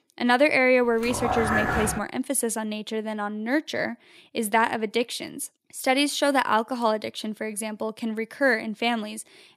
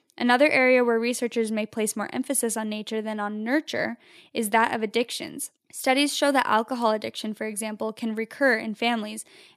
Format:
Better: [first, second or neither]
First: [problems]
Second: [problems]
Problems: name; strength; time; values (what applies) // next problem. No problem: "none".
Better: second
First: dog barking; loud; at 1 s; peak 1 dB above the speech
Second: none